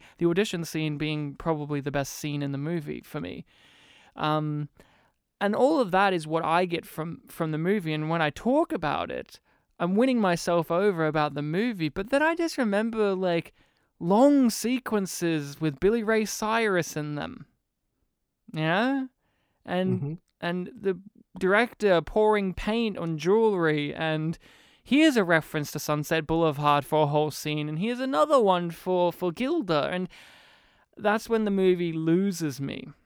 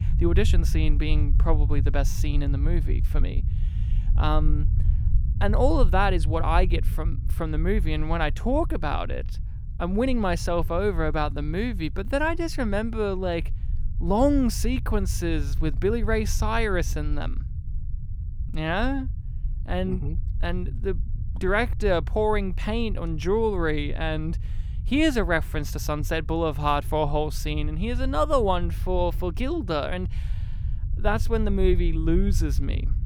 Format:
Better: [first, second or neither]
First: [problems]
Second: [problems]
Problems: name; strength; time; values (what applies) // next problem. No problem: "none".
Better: first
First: none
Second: low rumble; noticeable; throughout; 20 dB below the speech